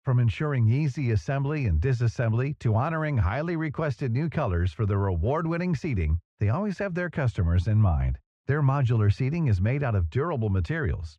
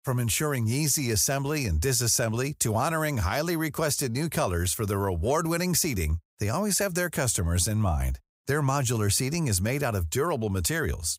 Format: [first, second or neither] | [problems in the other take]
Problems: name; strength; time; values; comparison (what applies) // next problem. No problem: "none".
second | muffled; very; fading above 2.5 kHz